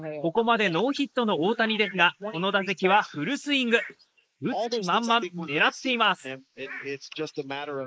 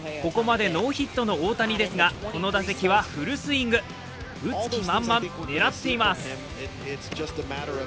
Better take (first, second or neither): second